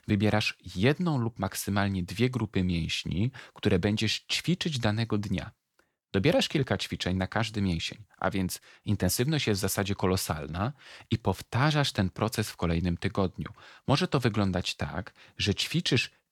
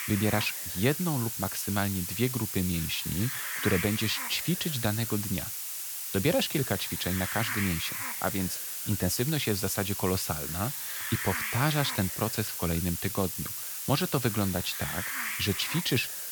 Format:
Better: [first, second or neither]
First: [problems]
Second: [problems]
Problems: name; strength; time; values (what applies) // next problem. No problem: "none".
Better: first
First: none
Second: hiss; loud; throughout; 2 dB below the speech